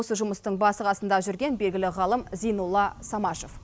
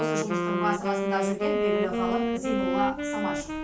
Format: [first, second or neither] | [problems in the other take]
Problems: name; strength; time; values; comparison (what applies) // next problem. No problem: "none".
first | background sound (Wind instrument, woodwind instrument); 4 dB above the speech // room echo; dies away in 0.3 s